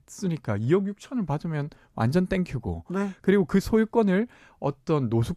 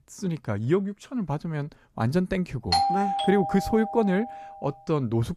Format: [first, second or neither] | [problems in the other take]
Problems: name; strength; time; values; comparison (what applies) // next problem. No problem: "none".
first | doorbell; loud; from 2.5 to 4.5 s; peak 4 dB above the speech